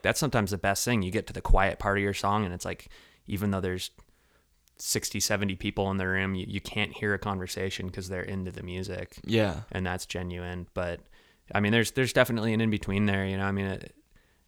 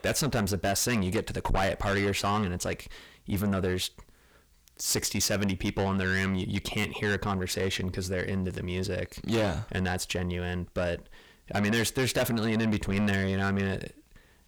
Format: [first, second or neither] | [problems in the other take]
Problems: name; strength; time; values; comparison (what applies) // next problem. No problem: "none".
first | distortion; heavy; 6 dB below the speech